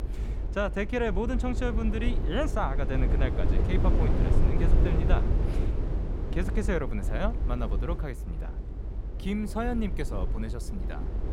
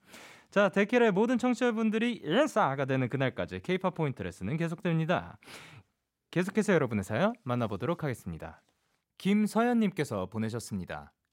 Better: second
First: low rumble; loud; throughout; 7 dB below the speech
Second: none

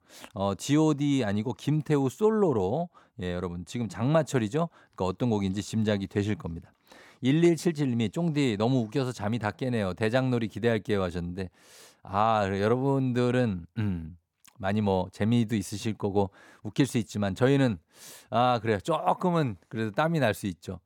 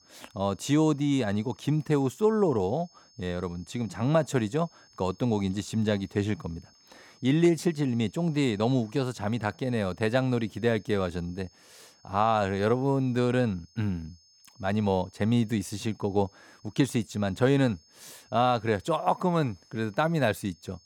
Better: first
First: none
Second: high-pitched whine; faint; throughout; 5 kHz, 30 dB below the speech

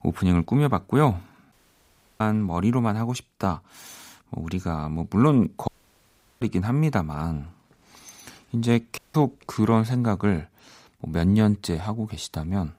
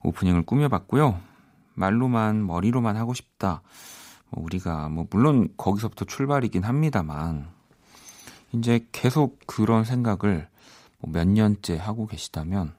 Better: second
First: audio cutting out; at 1.5 s for 0.5 s, at 5.5 s for 0.5 s and at 9 s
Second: none

